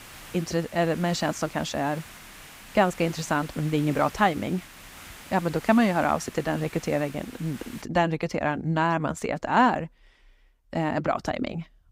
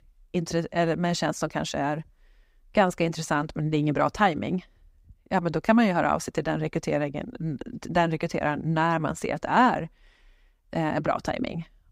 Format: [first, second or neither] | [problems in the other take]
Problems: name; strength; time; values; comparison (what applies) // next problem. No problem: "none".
second | hiss; noticeable; until 8 s; 15 dB below the speech